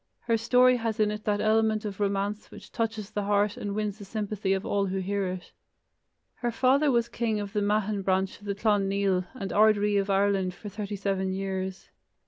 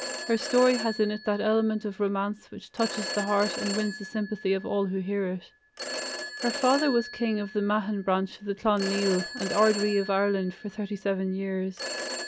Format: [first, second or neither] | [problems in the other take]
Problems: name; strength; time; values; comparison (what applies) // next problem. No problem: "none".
first | background sound (Telephone); 10 dB below the speech